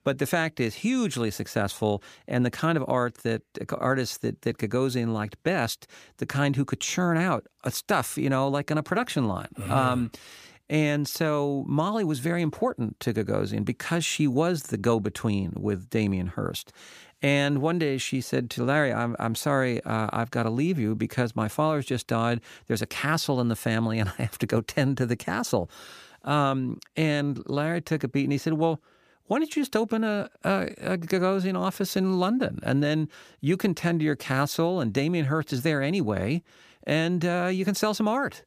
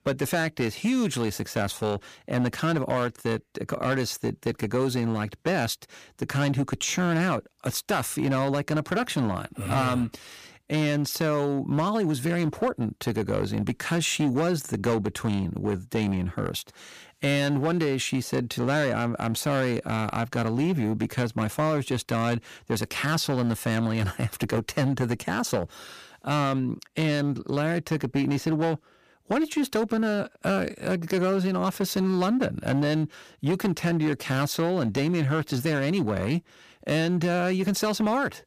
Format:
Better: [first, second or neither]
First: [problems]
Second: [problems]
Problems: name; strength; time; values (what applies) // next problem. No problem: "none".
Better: first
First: none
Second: distortion; slight; 9% of the sound clipped